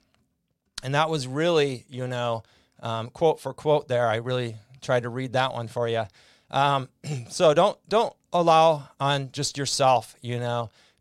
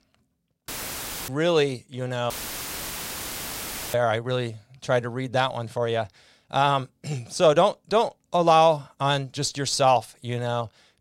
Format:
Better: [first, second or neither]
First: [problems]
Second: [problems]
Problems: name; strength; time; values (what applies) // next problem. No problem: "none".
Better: first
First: none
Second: audio cutting out; filled with static; at 0.5 s for 0.5 s and at 2.5 s for 1.5 s